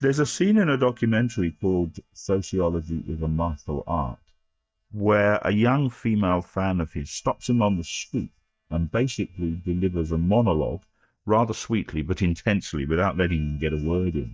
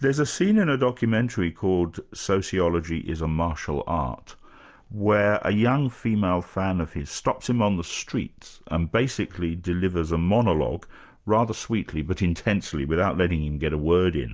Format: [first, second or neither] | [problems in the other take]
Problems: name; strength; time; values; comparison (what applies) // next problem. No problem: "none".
second | noise reduction (neural mask model DeepFilterNet 3)